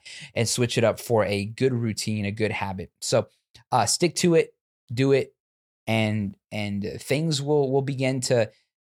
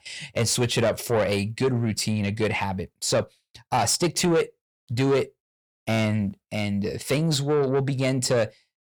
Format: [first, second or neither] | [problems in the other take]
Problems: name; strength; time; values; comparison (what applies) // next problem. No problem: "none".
first | distortion; slight; 10 dB below the speech